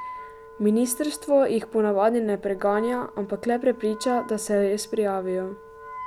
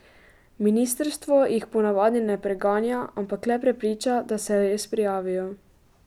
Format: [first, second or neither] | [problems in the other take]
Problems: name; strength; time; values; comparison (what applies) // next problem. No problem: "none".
second | background sound (Wind instrument, woodwind instrument); 17 dB below the speech